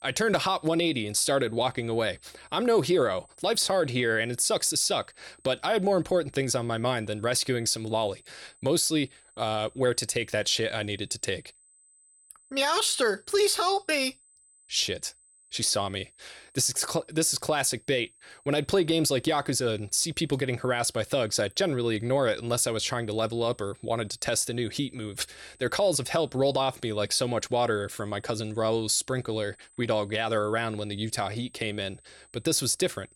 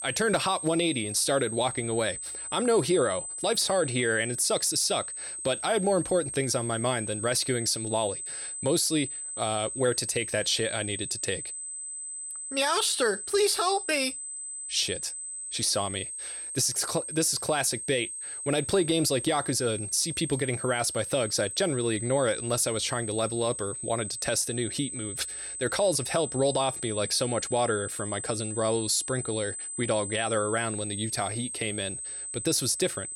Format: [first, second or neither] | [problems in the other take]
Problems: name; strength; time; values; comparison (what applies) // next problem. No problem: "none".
first | high-pitched whine; loud; throughout; 8 kHz, 6 dB below the speech; faint in the first